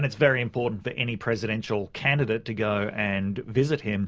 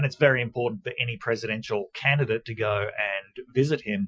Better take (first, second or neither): first